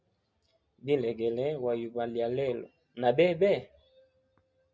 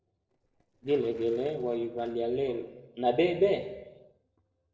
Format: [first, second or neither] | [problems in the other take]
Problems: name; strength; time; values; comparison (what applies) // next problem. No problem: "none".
first | noise reduction (neural separator model SepFormer DNS4)